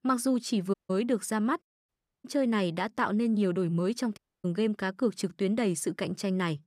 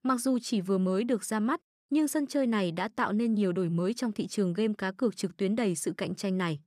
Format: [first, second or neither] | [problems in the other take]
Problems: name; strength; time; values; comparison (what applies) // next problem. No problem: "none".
second | audio cutting out; at 0.5 s, at 2 s and at 4 s